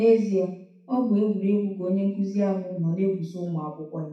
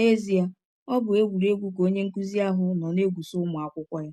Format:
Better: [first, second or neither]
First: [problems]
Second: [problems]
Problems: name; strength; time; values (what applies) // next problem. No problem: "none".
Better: second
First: room echo; dies away in 0.6 s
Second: none